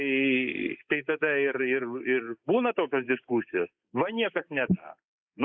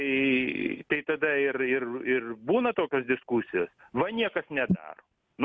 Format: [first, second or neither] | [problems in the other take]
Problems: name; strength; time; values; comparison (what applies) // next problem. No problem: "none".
second | noise reduction (neural mask model Resemble Enhance denoiser)